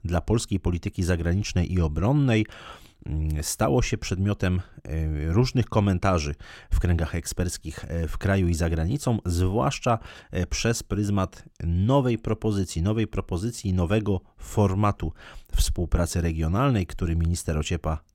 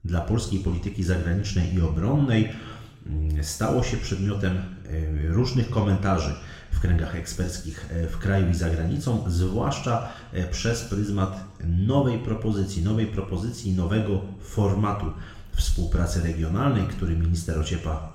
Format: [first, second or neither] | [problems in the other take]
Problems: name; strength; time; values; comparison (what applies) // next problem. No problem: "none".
first | room echo; slight; dies away in 0.9 s // off-mic speech; somewhat distant